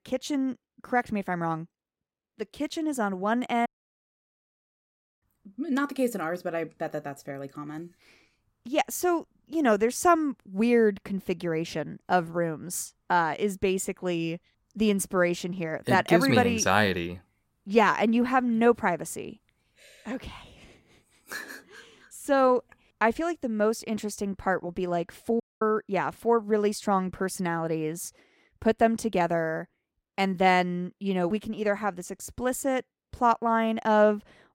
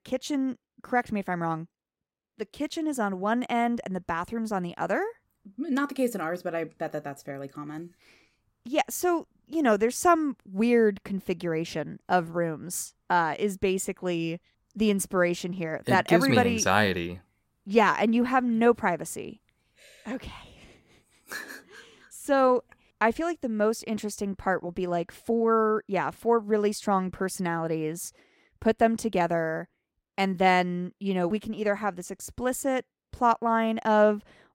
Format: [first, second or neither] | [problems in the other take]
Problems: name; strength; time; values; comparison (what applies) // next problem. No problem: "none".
second | audio cutting out; at 3.5 s for 1.5 s and at 25 s